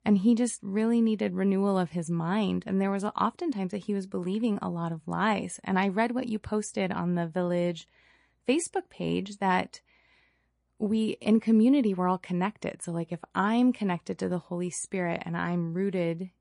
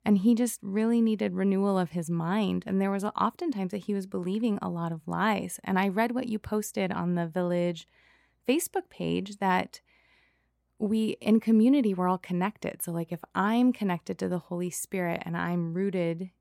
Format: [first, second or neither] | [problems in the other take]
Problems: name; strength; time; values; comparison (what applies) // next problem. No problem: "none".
second | garbled, watery; slightly; nothing above 10.5 kHz